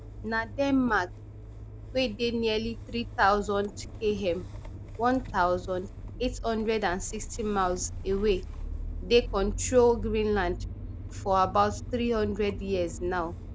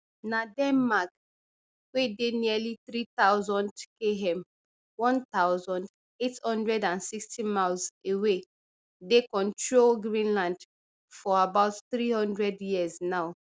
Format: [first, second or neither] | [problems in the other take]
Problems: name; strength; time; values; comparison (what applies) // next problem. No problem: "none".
second | background sound (Engine starting / Motor vehicle (road)); 9 dB below the speech